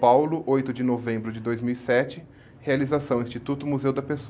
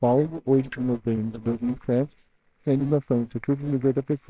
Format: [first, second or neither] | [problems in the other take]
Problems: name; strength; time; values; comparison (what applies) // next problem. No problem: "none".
first | noise reduction (neural separator model SepFormer WHAMR!)